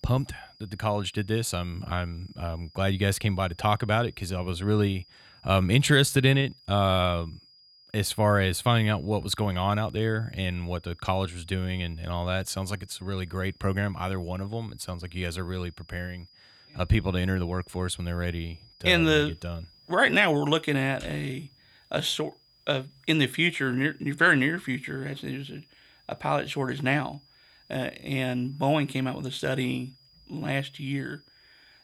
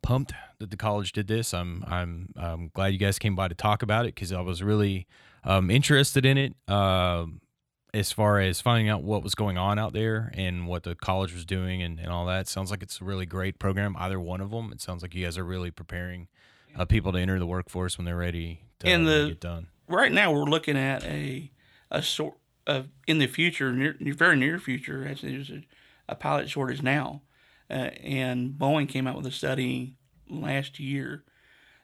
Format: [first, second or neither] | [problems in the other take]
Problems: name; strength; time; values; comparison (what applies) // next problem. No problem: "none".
second | high-pitched whine; faint; throughout; 5 kHz, 30 dB below the speech